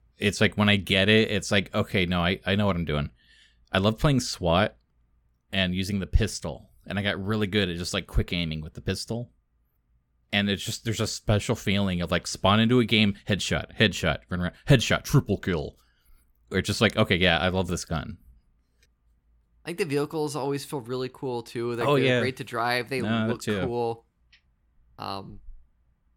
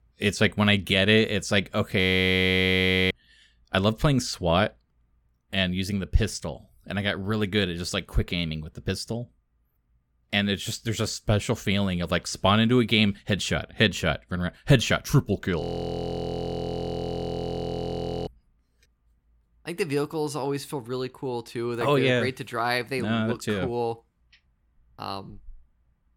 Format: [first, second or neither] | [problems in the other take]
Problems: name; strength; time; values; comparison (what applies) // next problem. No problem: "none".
first | audio freezing; at 2 s for 1 s and at 16 s for 2.5 s